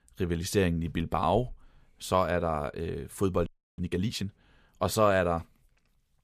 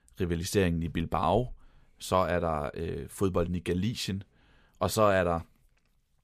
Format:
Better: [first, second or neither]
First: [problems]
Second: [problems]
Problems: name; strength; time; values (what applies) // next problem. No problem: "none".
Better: second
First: audio freezing; at 3.5 s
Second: none